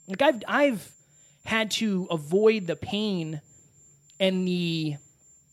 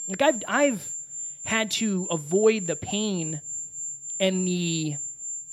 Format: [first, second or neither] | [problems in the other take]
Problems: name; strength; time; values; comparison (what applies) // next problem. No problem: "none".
first | high-pitched whine; loud; throughout; 7.5 kHz, 7 dB below the speech; faint in the first